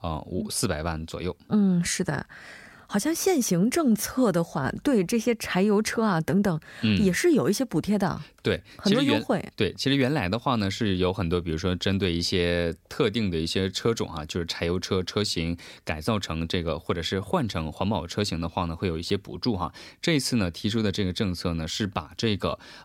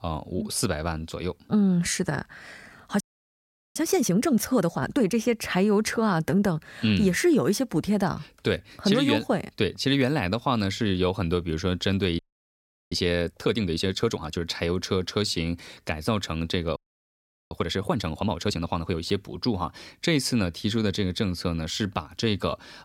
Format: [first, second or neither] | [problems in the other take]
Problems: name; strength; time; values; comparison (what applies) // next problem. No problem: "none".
first | audio freezing; at 3 s for 1 s, at 12 s for 0.5 s and at 17 s for 1 s